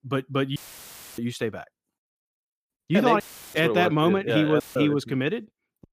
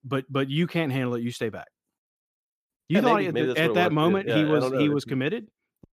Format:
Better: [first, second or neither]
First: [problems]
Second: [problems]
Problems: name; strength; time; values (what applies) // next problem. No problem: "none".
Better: second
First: audio cutting out; filled with static; at 0.5 s for 0.5 s, at 3 s and at 4.5 s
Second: none